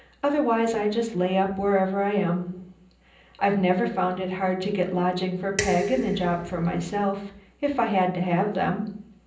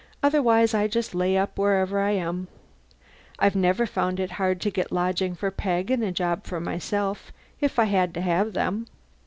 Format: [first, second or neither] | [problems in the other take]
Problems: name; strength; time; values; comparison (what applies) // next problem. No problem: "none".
second | background sound (Dishes, pots, and pans); 7 dB below the speech // room echo; dies away in 0.6 s